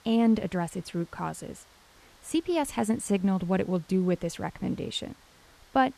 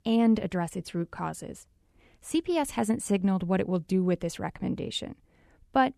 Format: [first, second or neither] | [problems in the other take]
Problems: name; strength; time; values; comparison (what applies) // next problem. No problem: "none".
second | hiss; faint; throughout; 25 dB below the speech